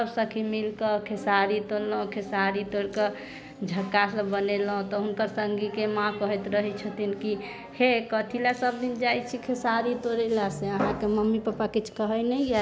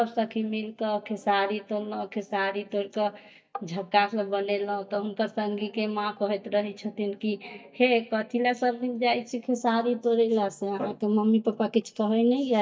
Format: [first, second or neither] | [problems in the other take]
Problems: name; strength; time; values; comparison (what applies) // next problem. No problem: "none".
first | noise reduction (neural mask model DeepFilterNet 3)